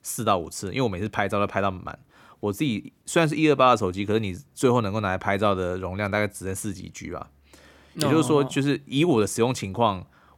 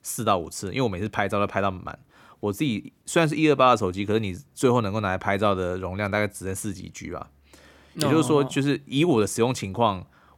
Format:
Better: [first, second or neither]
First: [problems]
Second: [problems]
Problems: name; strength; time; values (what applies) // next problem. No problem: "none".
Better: neither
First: none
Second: none